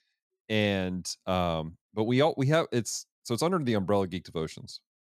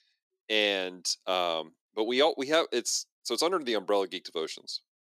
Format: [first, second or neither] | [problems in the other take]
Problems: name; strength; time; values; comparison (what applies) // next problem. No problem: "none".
first | thin; somewhat; fading below 350 Hz